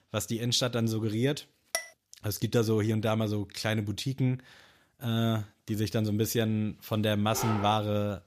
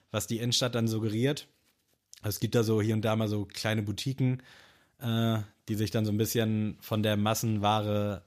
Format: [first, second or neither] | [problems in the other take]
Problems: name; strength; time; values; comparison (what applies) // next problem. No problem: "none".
second | clattering dishes; noticeable; at 1.5 s; peak 5 dB below the speech // dog barking; noticeable; at 7.5 s; peak 5 dB below the speech